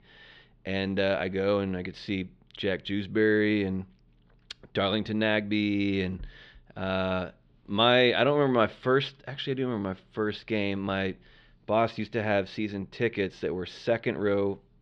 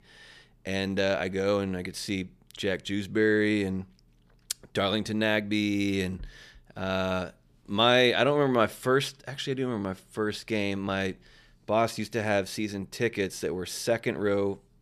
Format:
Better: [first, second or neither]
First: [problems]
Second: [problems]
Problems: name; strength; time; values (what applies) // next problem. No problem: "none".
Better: second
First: muffled; slightly; fading above 3.5 kHz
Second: none